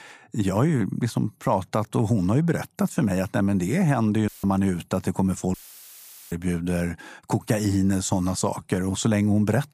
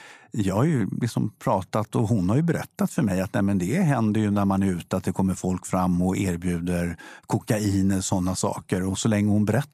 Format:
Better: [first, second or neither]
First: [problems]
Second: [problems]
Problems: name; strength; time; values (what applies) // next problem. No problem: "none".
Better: second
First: audio cutting out; filled with static; at 4.5 s and at 5.5 s for 1 s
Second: none